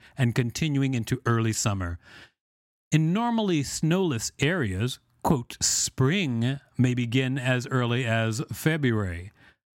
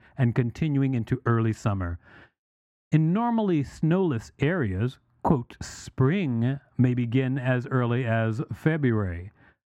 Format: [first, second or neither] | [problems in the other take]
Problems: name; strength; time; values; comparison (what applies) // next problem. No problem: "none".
first | muffled; very; fading above 3 kHz